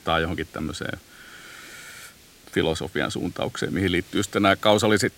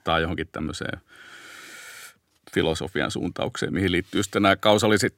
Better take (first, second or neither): second